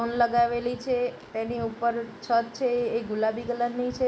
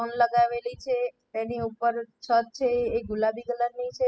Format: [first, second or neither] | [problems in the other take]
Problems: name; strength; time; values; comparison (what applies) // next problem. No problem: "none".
first | noise reduction (classical method spectral subtraction)